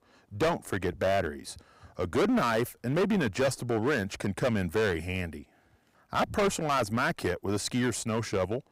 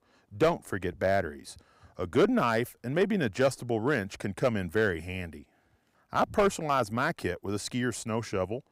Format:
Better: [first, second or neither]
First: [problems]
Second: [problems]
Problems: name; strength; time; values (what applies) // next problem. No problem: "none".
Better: second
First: distortion; heavy; 10% of the sound clipped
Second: none